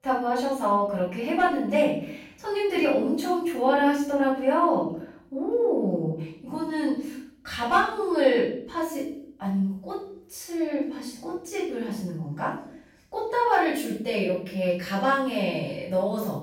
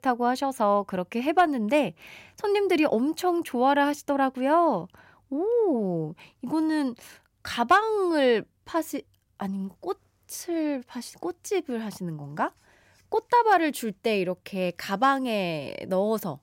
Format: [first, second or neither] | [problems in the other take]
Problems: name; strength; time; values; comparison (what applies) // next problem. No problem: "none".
second | off-mic speech; far // room echo; noticeable; dies away in 0.5 s